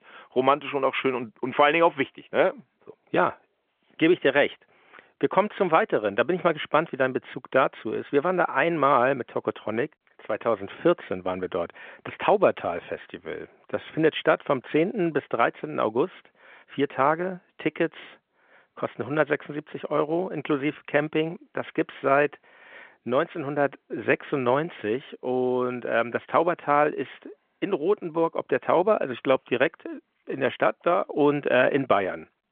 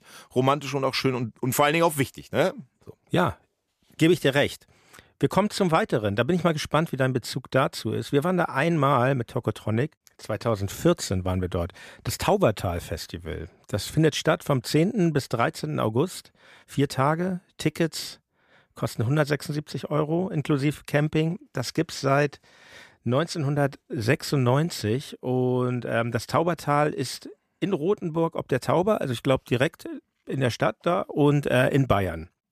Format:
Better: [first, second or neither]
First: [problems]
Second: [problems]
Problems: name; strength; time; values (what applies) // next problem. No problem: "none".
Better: second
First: phone-call audio; nothing above 3.5 kHz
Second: none